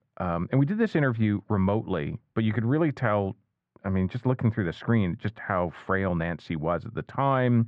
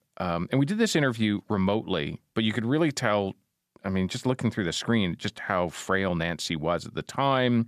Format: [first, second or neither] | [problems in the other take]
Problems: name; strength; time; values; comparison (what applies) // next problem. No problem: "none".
second | muffled; very; fading above 1.5 kHz